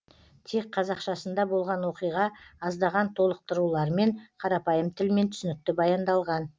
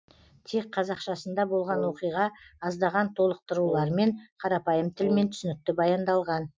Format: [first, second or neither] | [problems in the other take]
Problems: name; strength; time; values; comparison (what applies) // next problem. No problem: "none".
first | noise reduction (classical method Wiener filter)